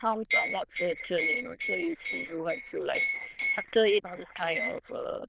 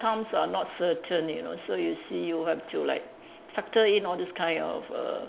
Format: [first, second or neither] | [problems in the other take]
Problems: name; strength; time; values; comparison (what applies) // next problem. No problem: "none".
second | noise reduction (neural diffusion model UNIVERSE++)